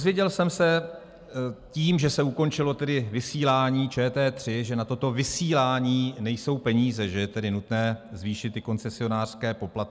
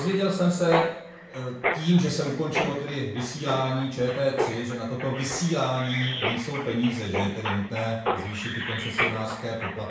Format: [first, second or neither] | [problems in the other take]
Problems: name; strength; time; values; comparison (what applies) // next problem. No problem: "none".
first | background sound (Mechanisms); 5 dB below the speech // room echo; dies away in 0.6 s